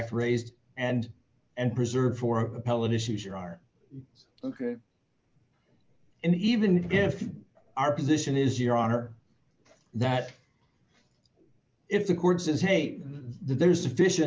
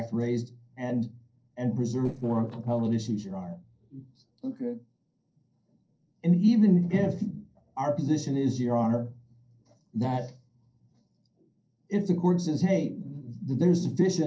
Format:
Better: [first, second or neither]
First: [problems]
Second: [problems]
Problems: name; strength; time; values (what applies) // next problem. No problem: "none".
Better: first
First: none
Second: noise reduction (neural separator model SepFormer DNS4)